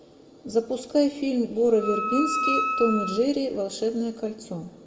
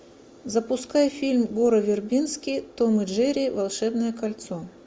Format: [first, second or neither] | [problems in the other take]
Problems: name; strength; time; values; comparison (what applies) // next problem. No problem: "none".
second | background sound (Wind instrument, woodwind instrument); 4 dB below the speech // room echo; dies away in 1.2 s